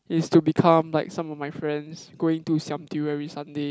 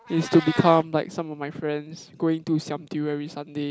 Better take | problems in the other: first | background sound (Meow); 17 dB below the speech

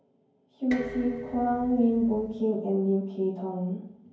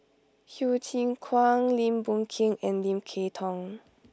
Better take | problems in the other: second | background sound (Dishes, pots, and pans); 16 dB below the speech // room echo; dies away in 0.9 s

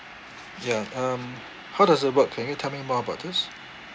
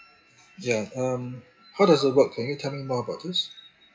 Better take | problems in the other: first | noise reduction (classical method WPE with log-MMSE)

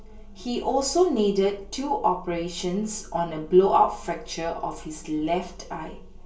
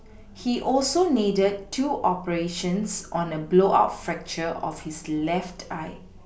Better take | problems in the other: second | room echo; dies away in 0.2 s

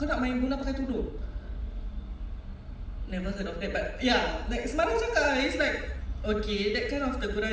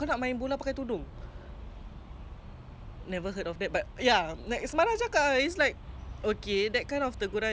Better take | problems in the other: second | room echo; dies away in 0.8 s

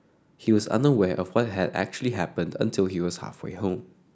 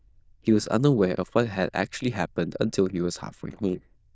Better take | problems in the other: first | noise reduction (neural diffusion model UNIVERSE++)

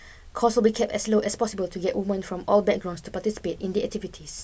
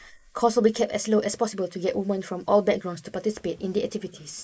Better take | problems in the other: first | noise reduction (neural mask model Resemble Enhance denoiser)

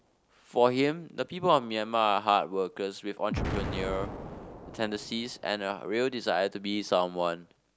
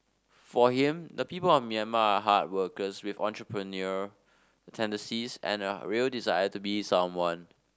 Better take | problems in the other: second | background sound (Explosion); 12 dB below the speech

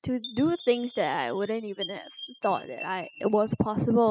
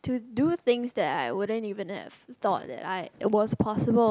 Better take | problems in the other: second | noise reduction (classical method spectral subtraction)

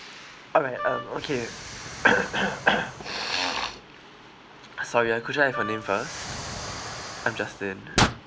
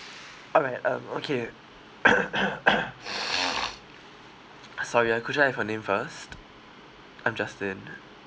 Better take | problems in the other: second | background sound (Wind instrument, woodwind instrument + Explosion); 6 dB below the speech

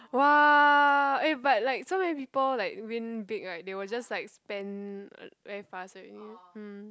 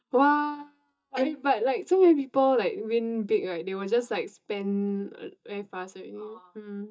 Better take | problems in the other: first | noise reduction (neural mask model DeepFilterNet 3)

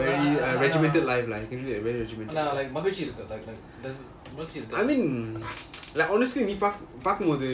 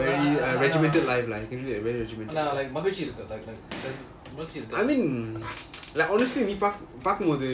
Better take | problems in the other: first | background sound (Gunshot, gunfire); 17 dB below the speech

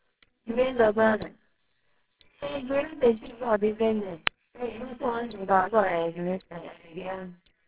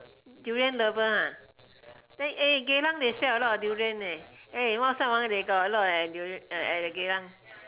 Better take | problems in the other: second | noise reduction (neural separator model SepFormer WHAMR!)

